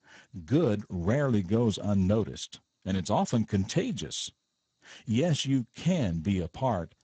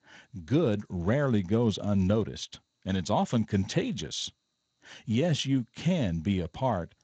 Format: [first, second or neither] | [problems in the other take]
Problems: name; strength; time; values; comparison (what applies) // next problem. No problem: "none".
second | garbled, watery; badly; nothing above 8 kHz; slightly in the second